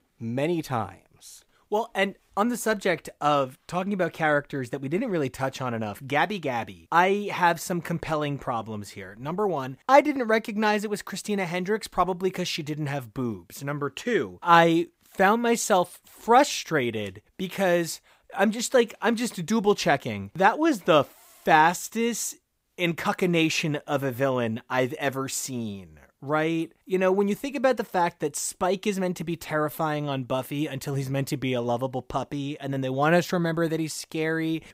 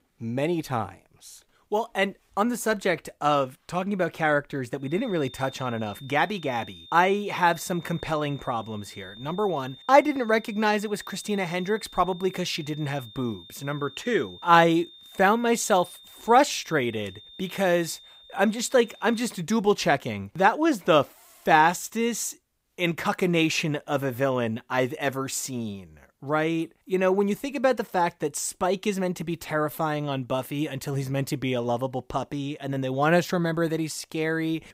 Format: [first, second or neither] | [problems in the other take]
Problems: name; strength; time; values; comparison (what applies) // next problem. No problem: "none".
first | high-pitched whine; faint; from 5 to 19 s; 3.5 kHz, 20 dB below the speech